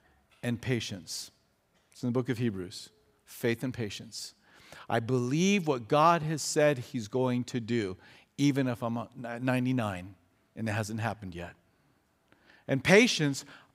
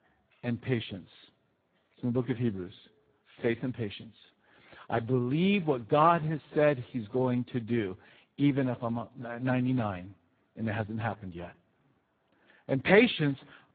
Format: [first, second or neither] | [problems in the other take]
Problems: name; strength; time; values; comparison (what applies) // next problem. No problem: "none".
first | garbled, watery; badly; nothing above 4 kHz